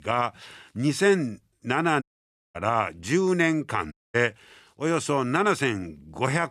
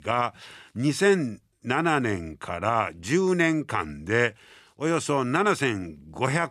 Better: second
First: audio cutting out; at 2 s for 0.5 s and at 4 s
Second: none

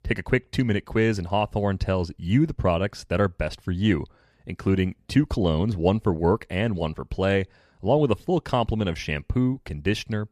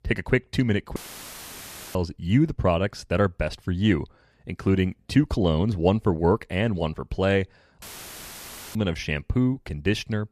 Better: first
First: none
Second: audio cutting out; filled with static; at 1 s for 1 s and at 8 s for 1 s

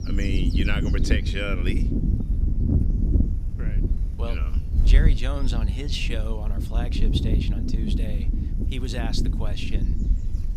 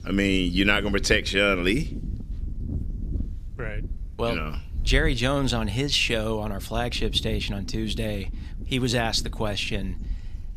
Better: second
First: wind noise on the microphone; heavy; 5 dB below the speech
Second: wind noise on the microphone; occasional gusts; 25 dB below the speech

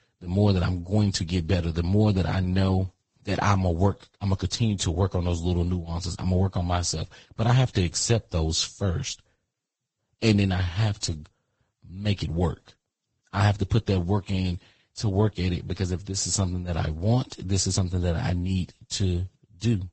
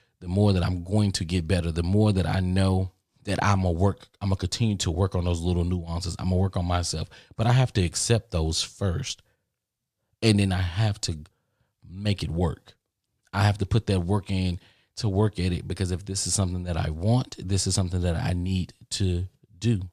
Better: second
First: garbled, watery; badly; nothing above 8 kHz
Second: none

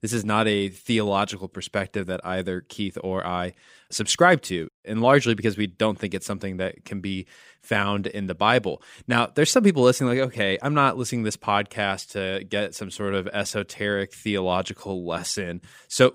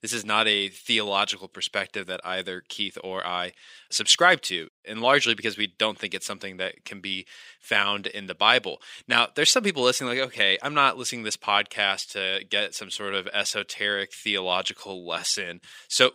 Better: first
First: none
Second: thin; somewhat; fading below 650 Hz

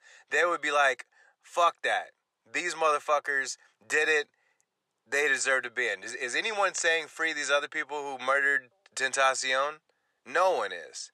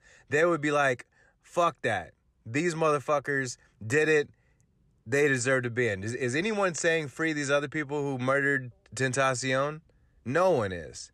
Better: second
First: thin; very; fading below 750 Hz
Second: none

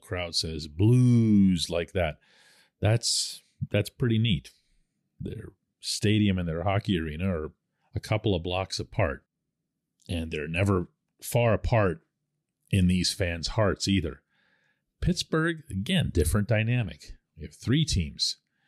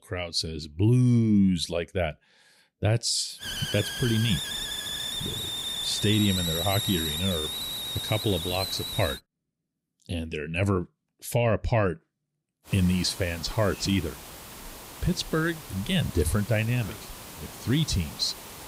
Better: first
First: none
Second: hiss; loud; from 3.5 to 9 s and from 13 s on; 5 dB below the speech

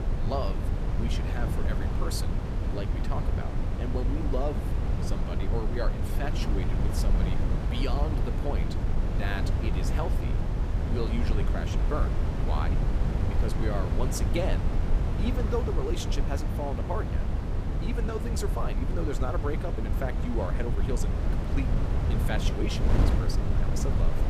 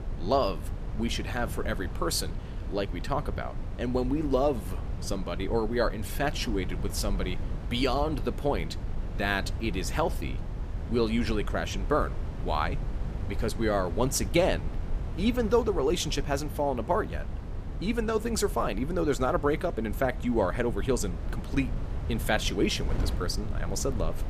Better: second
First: wind noise on the microphone; heavy; 2 dB below the speech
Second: wind noise on the microphone; occasional gusts; 15 dB below the speech

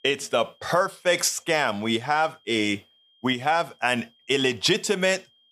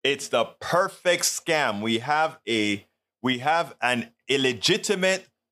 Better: second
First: high-pitched whine; faint; throughout; 3 kHz, 35 dB below the speech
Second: none

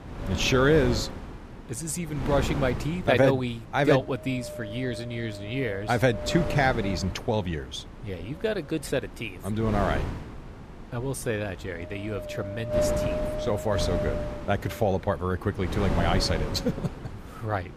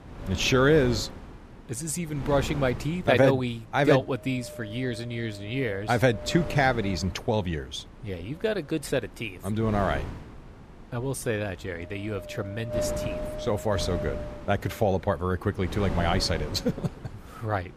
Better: second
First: wind noise on the microphone; heavy; 6 dB below the speech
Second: wind noise on the microphone; occasional gusts; 10 dB below the speech

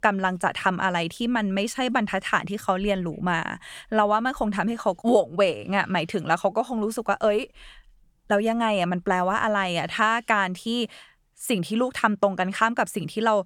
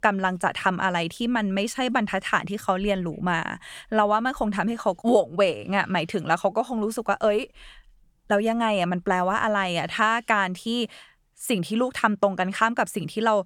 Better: neither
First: none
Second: none

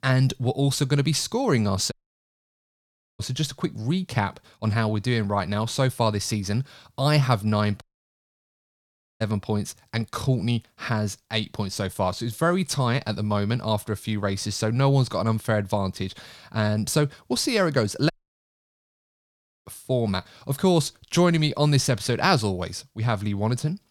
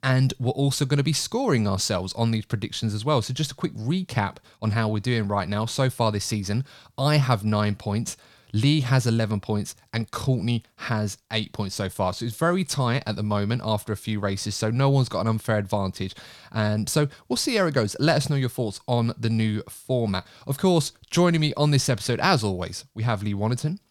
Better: second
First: audio cutting out; at 2 s for 1.5 s, at 8 s for 1.5 s and at 18 s for 1.5 s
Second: none

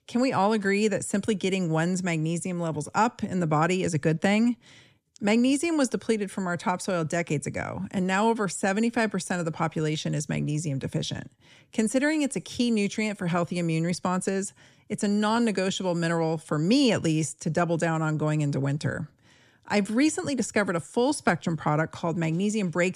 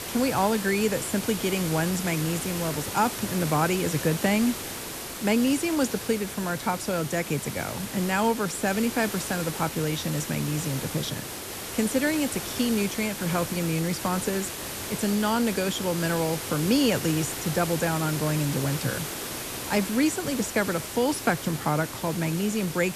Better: first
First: none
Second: hiss; loud; throughout; 6 dB below the speech

